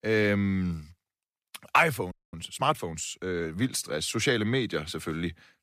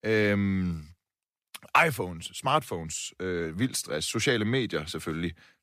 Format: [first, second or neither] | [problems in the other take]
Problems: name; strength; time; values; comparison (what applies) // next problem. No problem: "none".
second | audio freezing; at 2 s